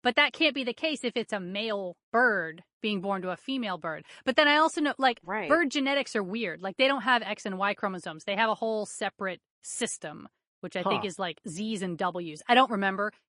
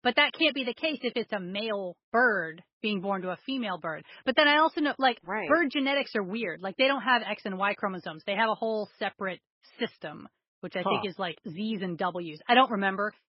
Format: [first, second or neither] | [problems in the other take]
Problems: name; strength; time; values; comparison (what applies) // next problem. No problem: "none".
first | garbled, watery; badly; nothing above 5 kHz; slightly in the first